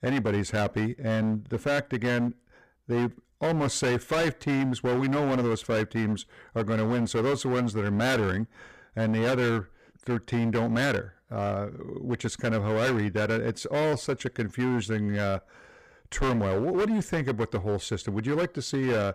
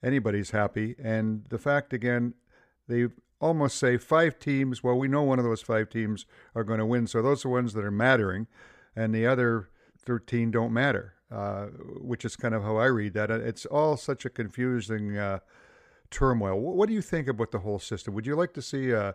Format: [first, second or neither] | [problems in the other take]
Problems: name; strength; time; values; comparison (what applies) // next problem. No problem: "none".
second | distortion; heavy; 19% of the sound clipped